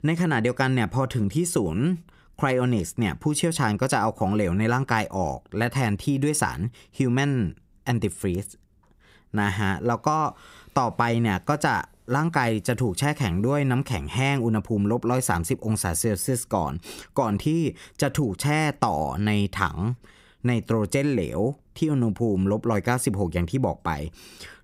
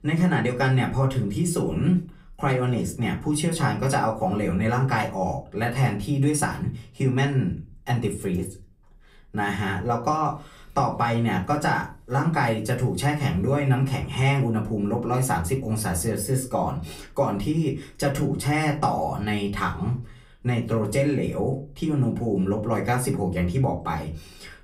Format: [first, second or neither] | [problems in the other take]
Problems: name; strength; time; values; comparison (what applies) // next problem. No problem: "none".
first | off-mic speech; far // room echo; very slight; dies away in 0.3 s